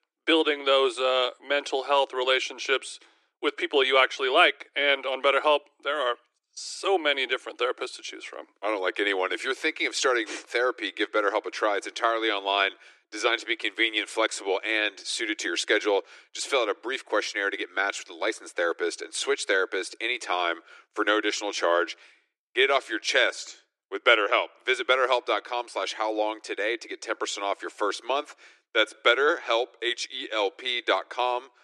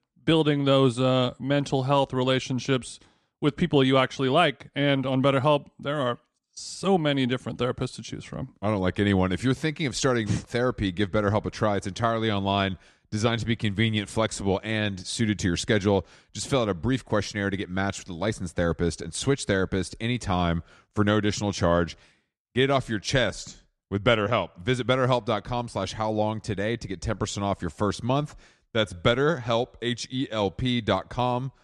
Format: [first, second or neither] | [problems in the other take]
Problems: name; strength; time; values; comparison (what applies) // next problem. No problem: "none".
second | thin; very; fading below 300 Hz